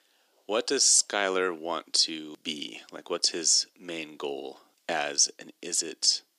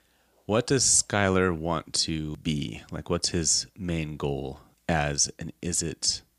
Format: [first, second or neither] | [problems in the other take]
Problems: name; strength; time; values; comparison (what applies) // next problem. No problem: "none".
second | thin; somewhat; fading below 300 Hz